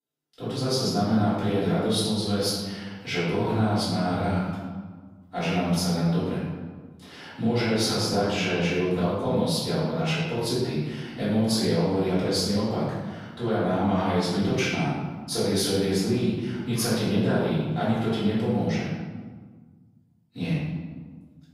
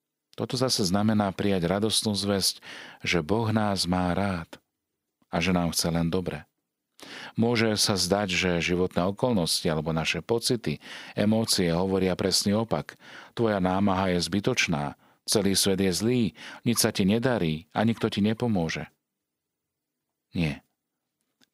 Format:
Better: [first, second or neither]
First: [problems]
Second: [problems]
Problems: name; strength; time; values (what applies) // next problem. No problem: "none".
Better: second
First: off-mic speech; far // room echo; strong; dies away in 1.4 s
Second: none